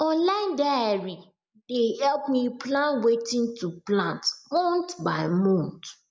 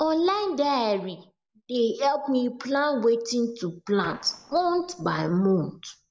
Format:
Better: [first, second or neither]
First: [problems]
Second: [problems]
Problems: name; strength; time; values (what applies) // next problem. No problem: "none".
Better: first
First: none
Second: noise reduction (neural separator model SepFormer DNS4)